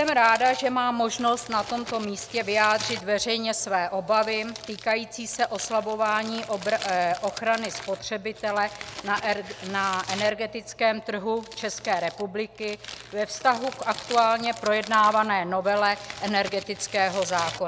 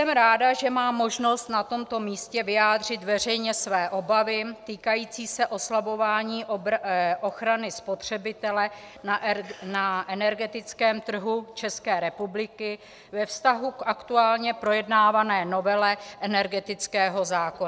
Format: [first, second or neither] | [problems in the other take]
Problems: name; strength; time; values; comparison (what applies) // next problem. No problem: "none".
second | background sound (Crumpling, crinkling); 15 dB below the speech